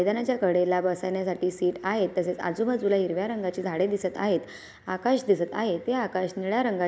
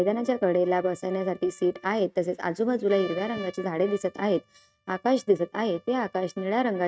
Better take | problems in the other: first | noise reduction (neural mask model RNNoise)

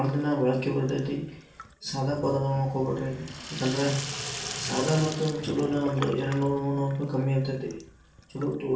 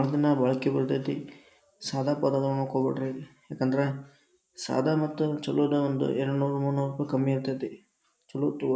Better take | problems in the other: second | background sound (Sink (filling or washing)); 12 dB below the speech // room echo; dies away in 0.4 s

